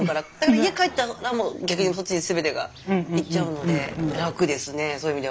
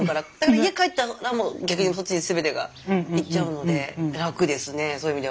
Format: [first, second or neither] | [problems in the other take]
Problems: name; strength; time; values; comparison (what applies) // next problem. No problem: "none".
second | background sound (Skateboard); 17 dB below the speech